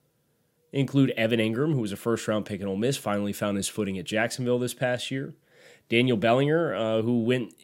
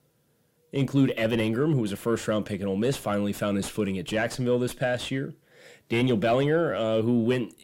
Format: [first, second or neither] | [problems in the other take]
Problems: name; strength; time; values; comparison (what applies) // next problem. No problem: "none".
first | distortion; slight; 10 dB below the speech